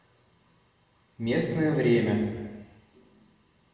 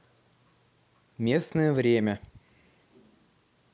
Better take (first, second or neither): second